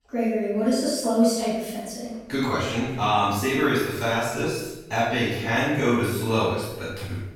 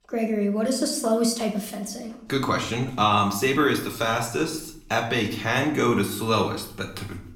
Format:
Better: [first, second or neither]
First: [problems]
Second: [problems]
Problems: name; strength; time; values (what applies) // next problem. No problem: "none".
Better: second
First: room echo; strong; dies away in 0.8 s // off-mic speech; far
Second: room echo; slight; dies away in 0.5 s // off-mic speech; somewhat distant